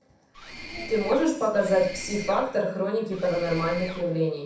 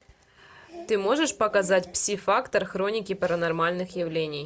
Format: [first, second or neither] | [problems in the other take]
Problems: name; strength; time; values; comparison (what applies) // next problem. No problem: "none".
second | background sound (Mechanisms); 13 dB below the speech // room echo; dies away in 0.7 s